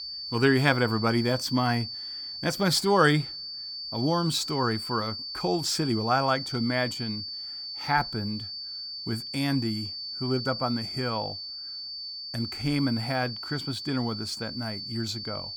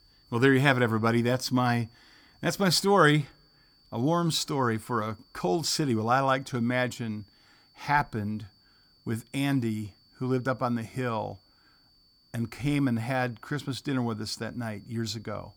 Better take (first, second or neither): second